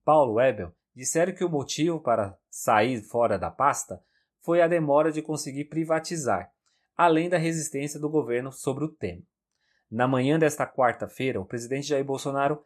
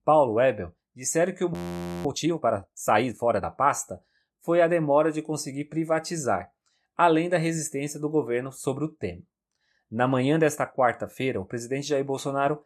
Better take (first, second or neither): first